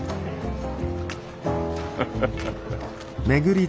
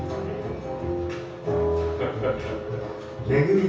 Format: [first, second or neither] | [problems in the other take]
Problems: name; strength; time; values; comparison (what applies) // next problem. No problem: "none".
first | room echo; dies away in 0.6 s